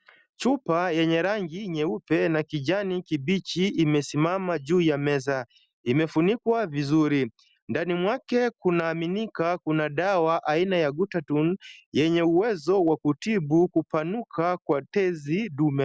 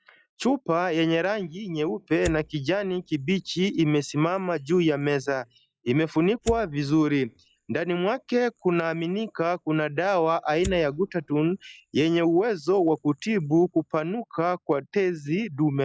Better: first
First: none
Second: noise reduction (classical method log-MMSE)

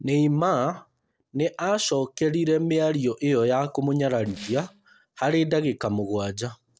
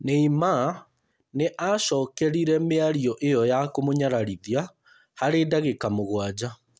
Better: second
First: noise reduction (neural separator model SepFormer DNS4)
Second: none

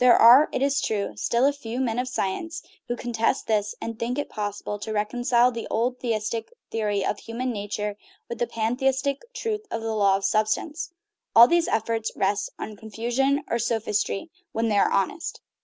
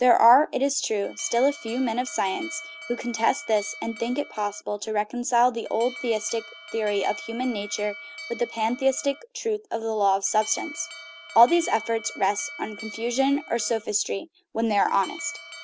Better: first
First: none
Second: background sound (Alarm); 16 dB below the speech

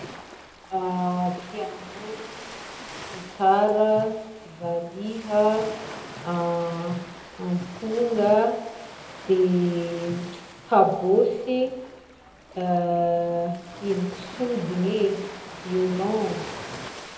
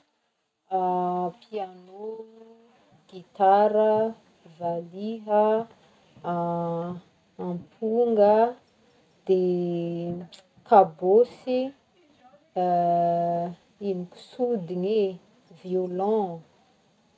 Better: second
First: background sound (Ocean); 15 dB below the speech // room echo; dies away in 0.8 s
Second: none

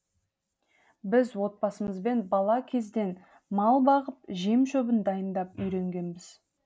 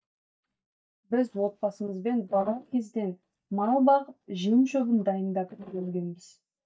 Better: first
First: none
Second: noise reduction (neural mask model DeepFilterNet 3)

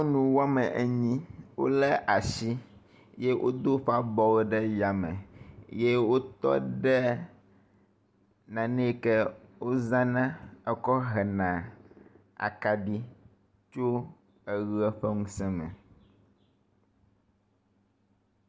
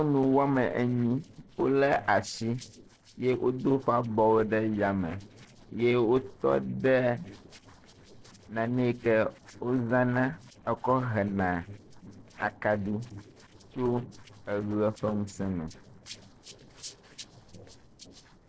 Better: first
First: none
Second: noise reduction (neural separator model SepFormer DNS4)

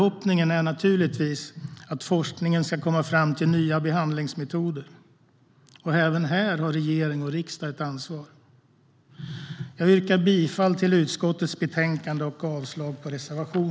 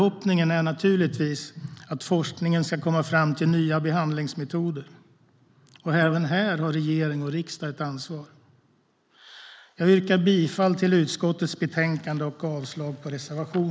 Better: first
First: none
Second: noise reduction (neural mask model Resemble Enhance denoiser)

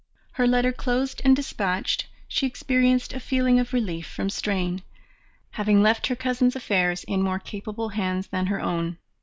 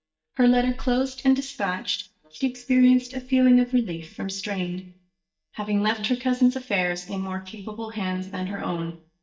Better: first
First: none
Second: noise reduction (neural mask model DeepFilterNet 3)

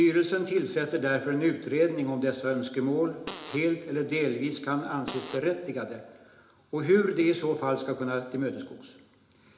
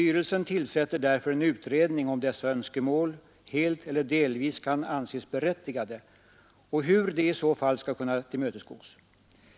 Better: second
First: background sound (Fart); 14 dB below the speech // room echo; dies away in 0.8 s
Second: none

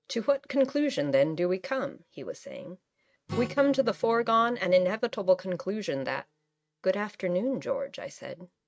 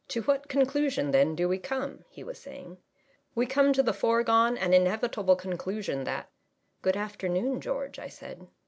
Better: second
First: noise reduction (neural mask model RNNoise)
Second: none

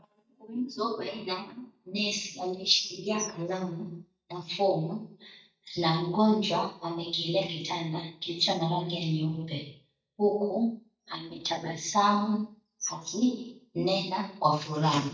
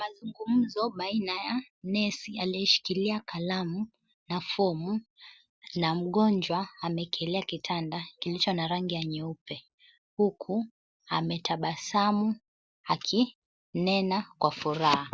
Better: second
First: noise reduction (neural mask model DeepFilterNet 3)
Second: none

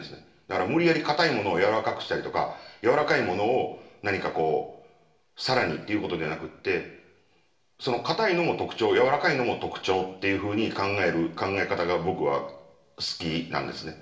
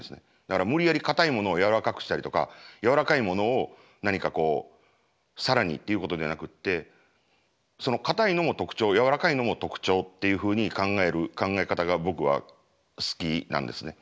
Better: second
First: room echo; dies away in 0.7 s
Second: none

